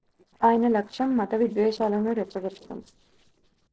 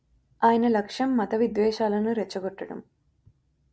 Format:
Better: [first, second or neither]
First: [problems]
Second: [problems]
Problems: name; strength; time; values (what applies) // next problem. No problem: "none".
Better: second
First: noise reduction (neural separator model SepFormer DNS4)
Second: none